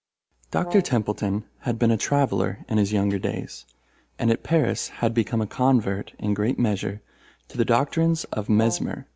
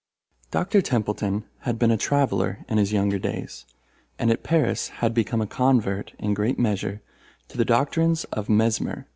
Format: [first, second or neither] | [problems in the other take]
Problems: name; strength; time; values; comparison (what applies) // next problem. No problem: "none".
second | background sound (Brass instrument); 13 dB below the speech